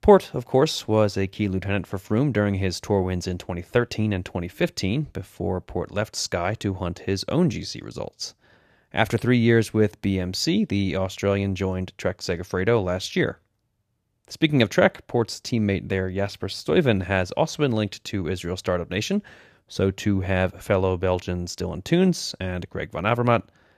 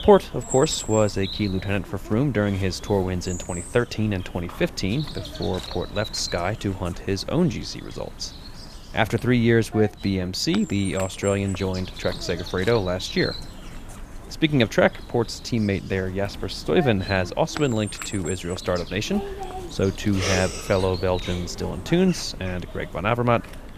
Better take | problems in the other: first | animal sounds; noticeable; throughout; 10 dB below the speech

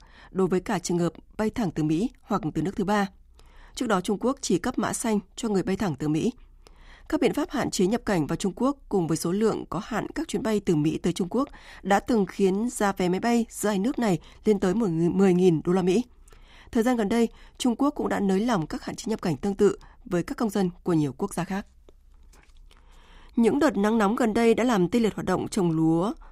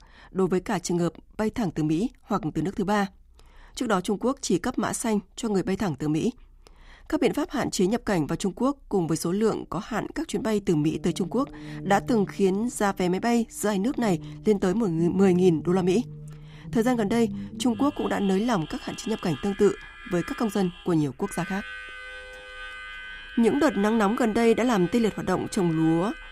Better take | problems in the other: first | background music; noticeable; from 9.5 s on; 15 dB below the speech

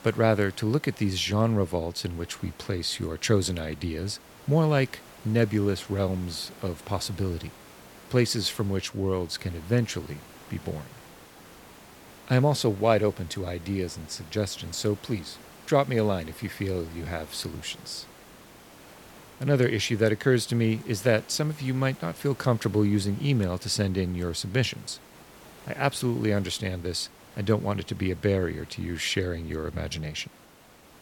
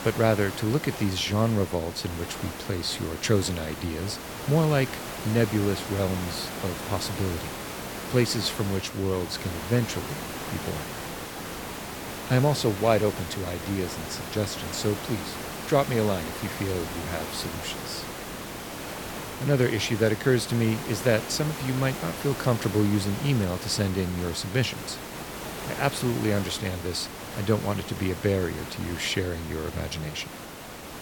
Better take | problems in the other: first | hiss; loud; throughout; 8 dB below the speech; faint in the first

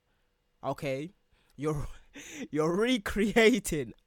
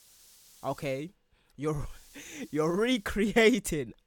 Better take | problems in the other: first | hiss; faint; at the start and from 2 to 3 s; 25 dB below the speech

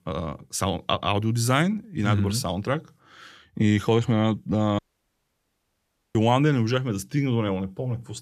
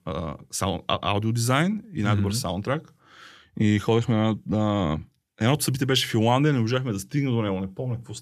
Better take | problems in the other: second | audio cutting out; at 5 s for 1.5 s

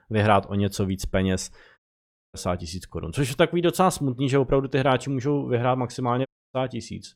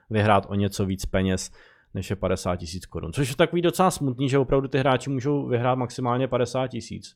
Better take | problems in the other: second | audio cutting out; at 2 s for 0.5 s and at 6.5 s

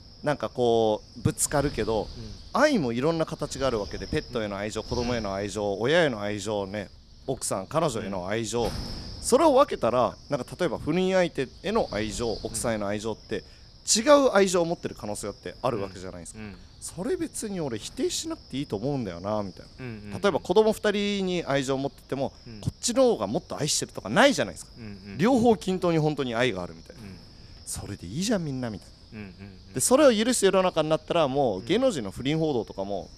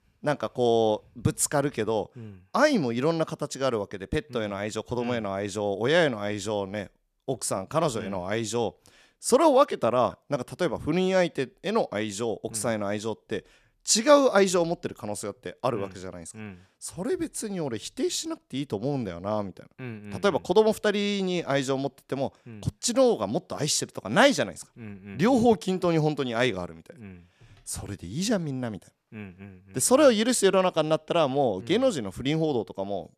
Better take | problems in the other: second | wind noise on the microphone; occasional gusts; 20 dB below the speech

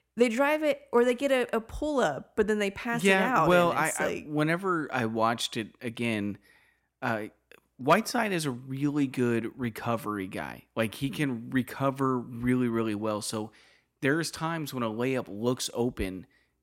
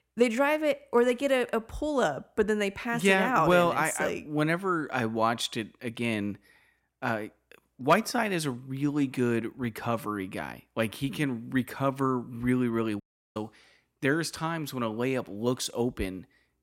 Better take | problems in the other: first | audio cutting out; at 13 s

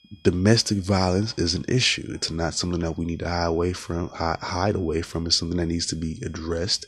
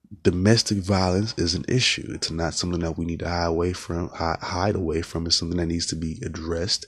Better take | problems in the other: second | high-pitched whine; faint; throughout; 3.5 kHz, 35 dB below the speech

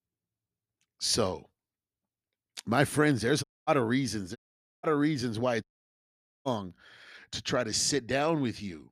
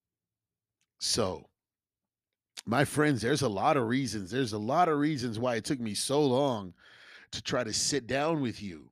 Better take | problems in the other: second | audio cutting out; at 3.5 s, at 4.5 s and at 5.5 s for 1 s

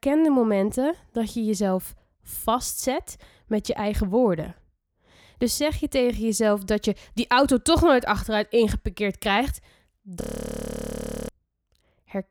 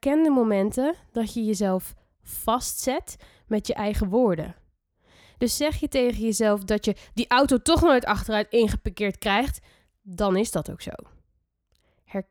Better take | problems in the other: second | audio freezing; at 10 s for 1 s

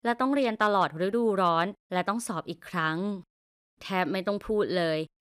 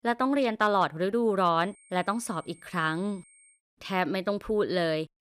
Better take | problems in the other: first | high-pitched whine; faint; from 1.5 to 3.5 s; 8.5 kHz, 30 dB below the speech

